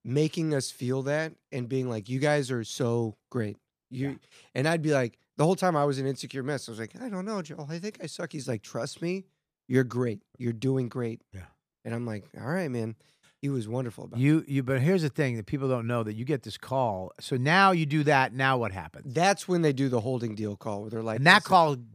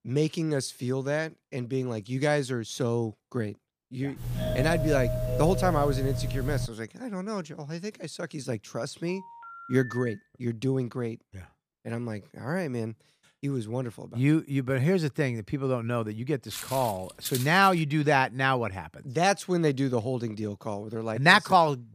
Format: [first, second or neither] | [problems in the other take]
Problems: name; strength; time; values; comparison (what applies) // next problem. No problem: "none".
first | doorbell; noticeable; from 4 to 6.5 s; peak 2 dB below the speech // phone ringing; faint; from 9 to 10 s; peak 10 dB below the speech // footsteps; noticeable; from 17 to 18 s; peak 6 dB below the speech